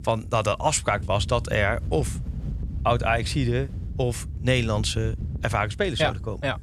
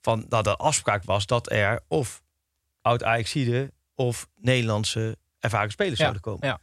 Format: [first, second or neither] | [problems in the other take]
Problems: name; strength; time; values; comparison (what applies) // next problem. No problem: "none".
second | wind noise on the microphone; occasional gusts; 20 dB below the speech